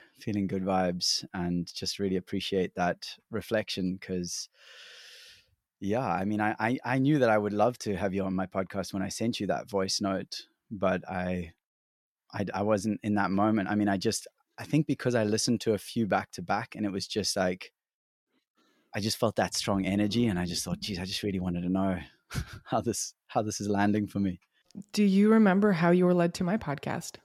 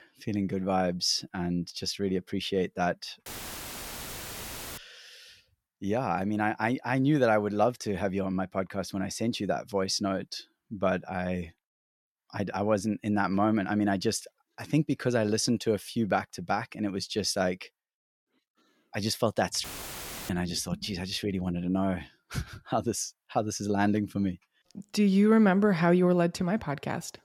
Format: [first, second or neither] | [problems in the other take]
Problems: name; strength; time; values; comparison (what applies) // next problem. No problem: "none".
first | audio cutting out; filled with static; at 3.5 s for 1.5 s and at 20 s for 0.5 s